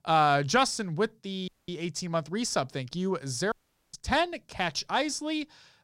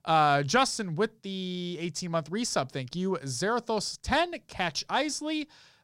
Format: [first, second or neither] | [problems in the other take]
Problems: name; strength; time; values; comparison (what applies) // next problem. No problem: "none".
second | audio cutting out; at 1.5 s and at 3.5 s